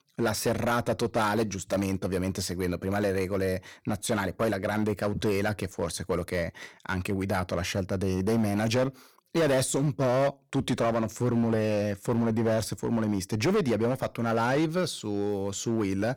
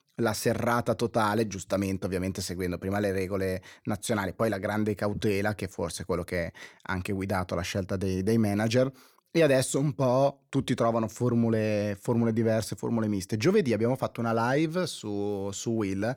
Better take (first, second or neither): second